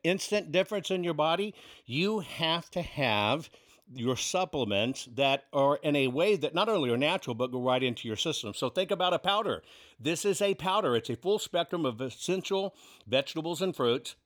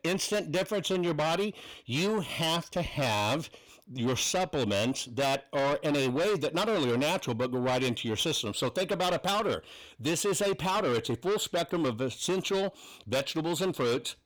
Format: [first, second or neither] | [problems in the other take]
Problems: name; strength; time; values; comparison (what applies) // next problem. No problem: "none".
first | distortion; heavy; 7 dB below the speech